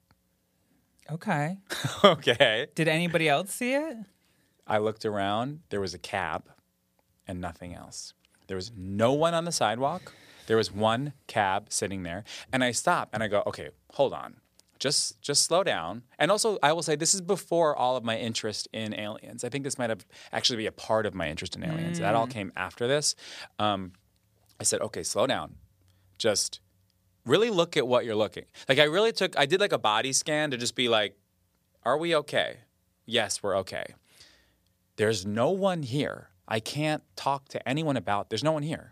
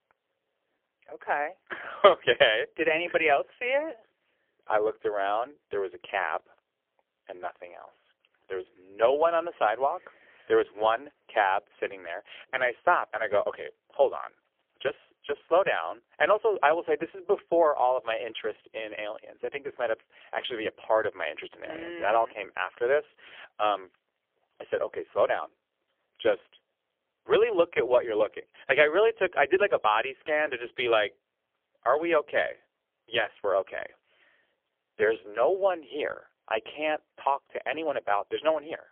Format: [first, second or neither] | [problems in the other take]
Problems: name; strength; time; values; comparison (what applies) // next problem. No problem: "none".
first | phone-call audio; poor line; nothing above 3.5 kHz